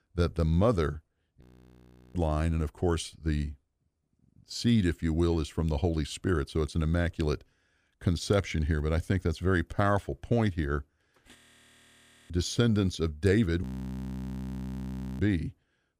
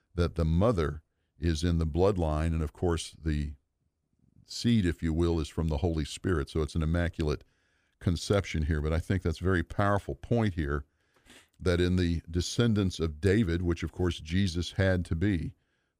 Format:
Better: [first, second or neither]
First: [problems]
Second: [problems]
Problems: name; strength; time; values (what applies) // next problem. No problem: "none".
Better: second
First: audio freezing; at 1.5 s for 0.5 s, at 11 s for 1 s and at 14 s for 1.5 s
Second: none